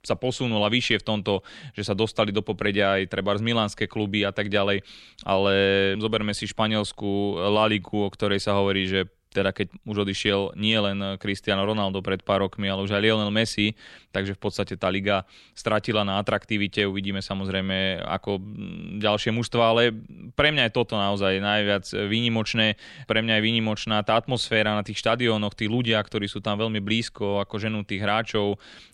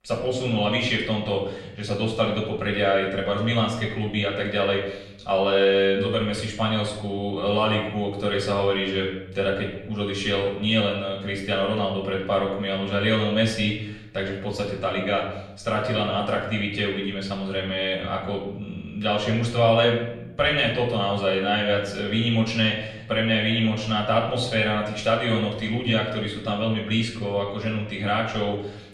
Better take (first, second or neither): first